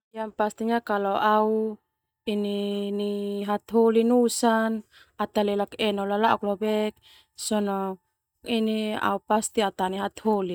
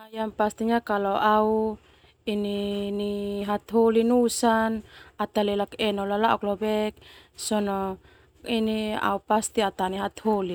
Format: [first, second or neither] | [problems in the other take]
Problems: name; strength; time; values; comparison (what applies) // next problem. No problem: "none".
second | noise reduction (neural mask model DeepFilterNet 3)